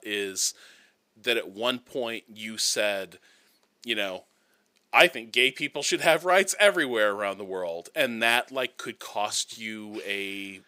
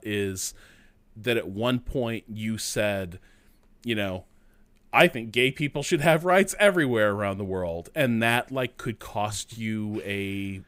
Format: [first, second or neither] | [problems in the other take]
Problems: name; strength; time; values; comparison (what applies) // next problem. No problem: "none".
second | thin; somewhat; fading below 350 Hz